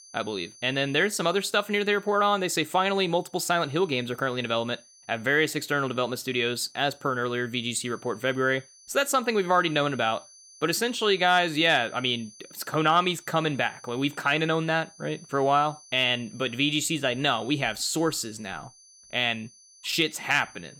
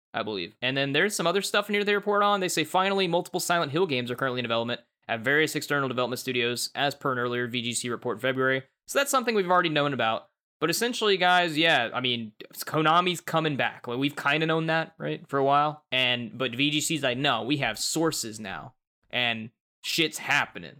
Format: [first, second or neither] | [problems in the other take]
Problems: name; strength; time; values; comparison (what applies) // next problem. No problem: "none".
second | high-pitched whine; faint; throughout; 6 kHz, 25 dB below the speech